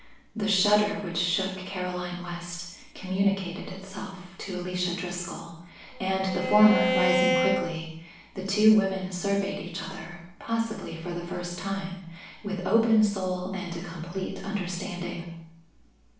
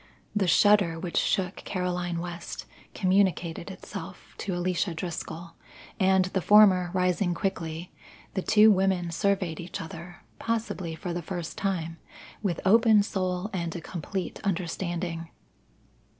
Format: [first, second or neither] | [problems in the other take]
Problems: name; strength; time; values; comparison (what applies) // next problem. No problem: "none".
second | background sound (Bowed string instrument); as loud as the speech // room echo; dies away in 0.7 s